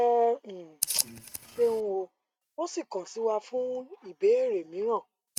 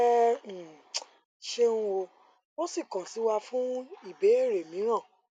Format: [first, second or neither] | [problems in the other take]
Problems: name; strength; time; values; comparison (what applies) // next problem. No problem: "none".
second | noise reduction (neural mask model RNNoise)